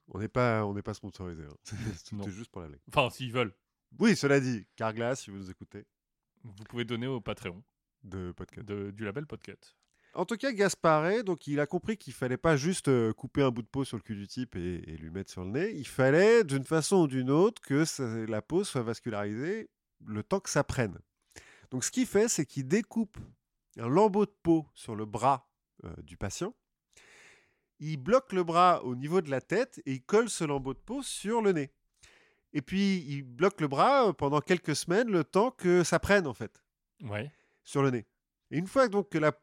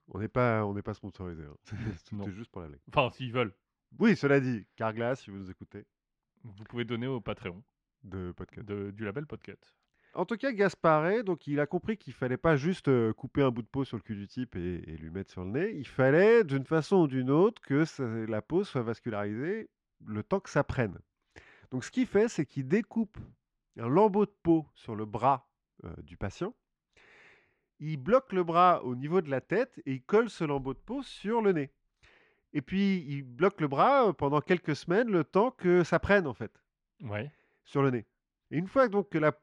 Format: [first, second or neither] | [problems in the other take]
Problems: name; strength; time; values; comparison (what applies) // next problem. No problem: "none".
first | muffled; slightly; fading above 3 kHz